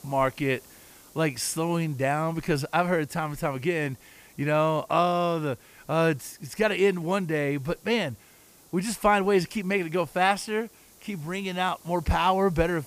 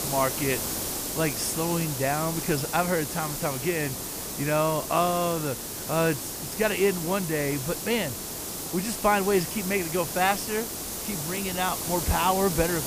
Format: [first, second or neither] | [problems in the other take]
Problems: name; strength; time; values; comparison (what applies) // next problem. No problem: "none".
first | hiss; loud; throughout; 4 dB below the speech; faint in the first